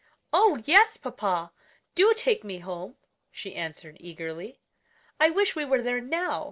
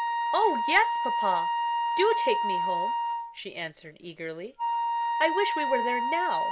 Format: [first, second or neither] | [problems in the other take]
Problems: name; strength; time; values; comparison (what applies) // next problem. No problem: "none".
first | background sound (Wind instrument, woodwind instrument); 2 dB above the speech